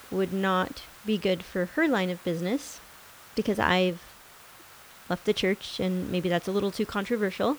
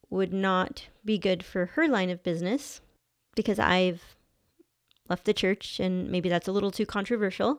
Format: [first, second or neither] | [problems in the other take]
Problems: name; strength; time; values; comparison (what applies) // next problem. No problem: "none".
second | hiss; noticeable; throughout; 20 dB below the speech